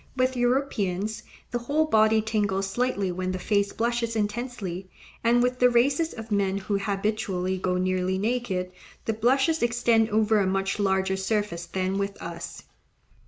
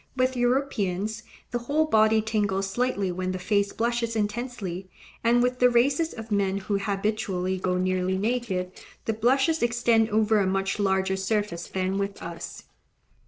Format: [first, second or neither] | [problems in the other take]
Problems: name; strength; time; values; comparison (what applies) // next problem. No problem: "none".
first | noise reduction (neural separator model SepFormer DNS4)